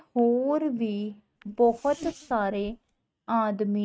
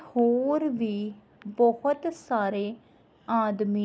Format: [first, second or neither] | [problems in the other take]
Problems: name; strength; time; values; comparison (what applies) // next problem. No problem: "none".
second | noise reduction (neural mask model RNNoise)